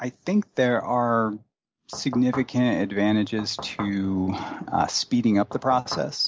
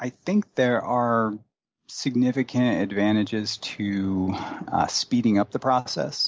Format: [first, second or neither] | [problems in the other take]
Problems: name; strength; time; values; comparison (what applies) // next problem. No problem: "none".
second | background sound (Knock / Wood); 13 dB below the speech